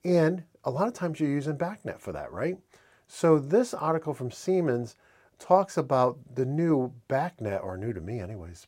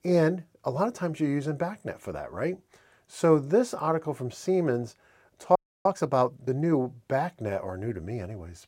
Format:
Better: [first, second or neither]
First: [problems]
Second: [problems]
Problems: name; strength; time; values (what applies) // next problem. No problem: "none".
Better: first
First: none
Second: audio freezing; at 5.5 s